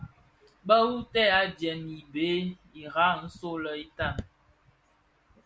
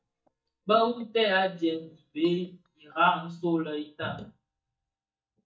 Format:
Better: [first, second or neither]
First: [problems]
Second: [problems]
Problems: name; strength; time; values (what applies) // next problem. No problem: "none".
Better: first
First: none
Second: noise reduction (neural mask model DeepFilterNet 3)